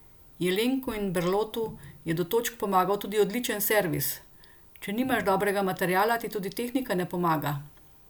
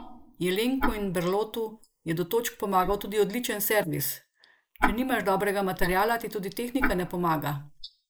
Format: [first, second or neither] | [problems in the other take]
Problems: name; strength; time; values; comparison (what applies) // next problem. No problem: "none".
first | noise reduction (neural mask model Resemble Enhance denoiser)